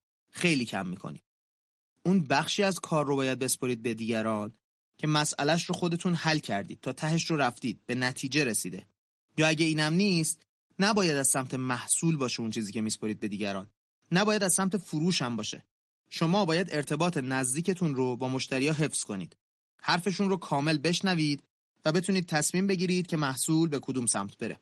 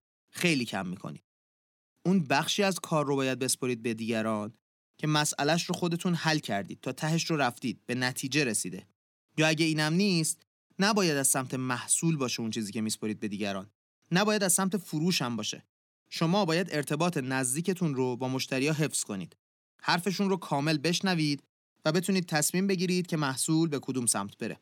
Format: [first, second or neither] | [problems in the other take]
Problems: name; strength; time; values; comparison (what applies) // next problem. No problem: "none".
second | garbled, watery; slightly; nothing above 10 kHz